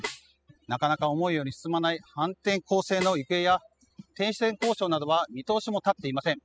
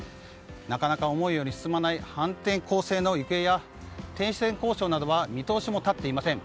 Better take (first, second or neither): second